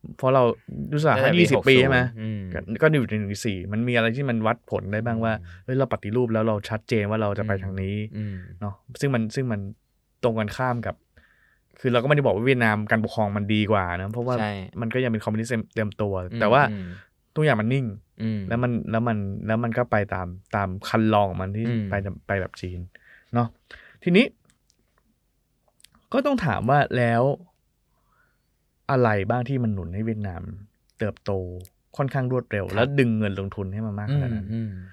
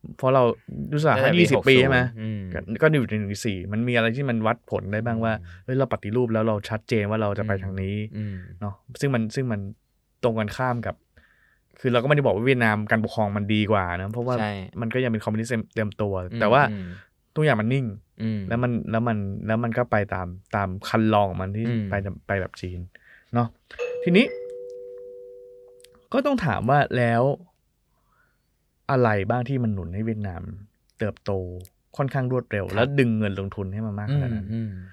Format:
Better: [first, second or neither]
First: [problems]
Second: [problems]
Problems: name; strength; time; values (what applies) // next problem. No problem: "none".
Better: first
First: none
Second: doorbell; noticeable; from 24 to 25 s; peak 6 dB below the speech